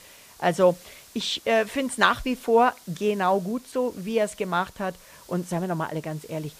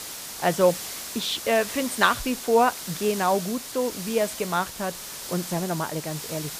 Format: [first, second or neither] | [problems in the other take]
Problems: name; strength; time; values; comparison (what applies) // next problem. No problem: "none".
first | hiss; loud; throughout; 8 dB below the speech; faint in the first